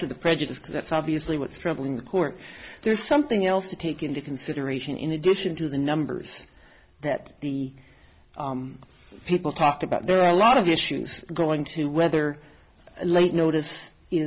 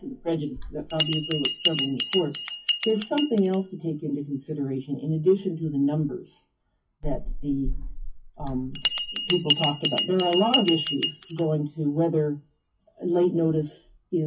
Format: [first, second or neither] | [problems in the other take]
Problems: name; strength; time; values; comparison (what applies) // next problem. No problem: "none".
first | noise reduction (classical method WPE with log-MMSE)